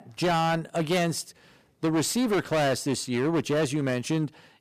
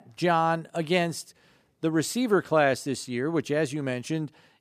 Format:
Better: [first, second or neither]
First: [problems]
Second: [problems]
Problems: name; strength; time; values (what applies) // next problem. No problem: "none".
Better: second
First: distortion; heavy; 18% of the sound clipped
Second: none